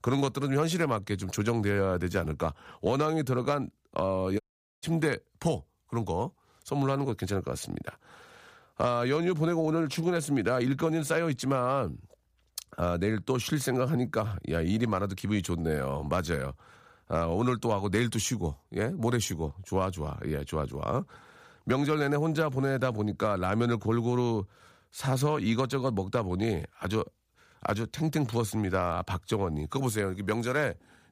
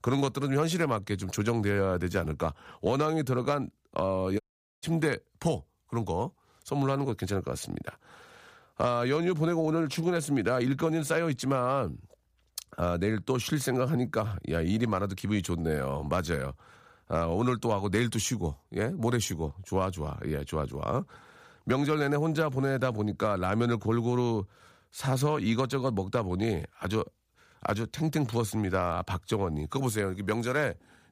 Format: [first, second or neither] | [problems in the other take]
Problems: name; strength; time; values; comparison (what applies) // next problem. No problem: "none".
neither | audio cutting out; at 4.5 s; the same in both